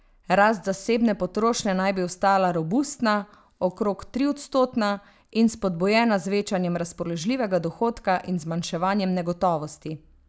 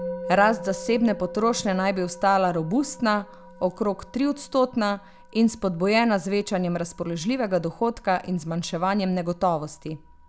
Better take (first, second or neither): first